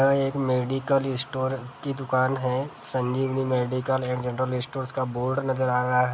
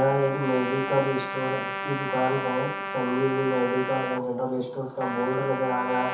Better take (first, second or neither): first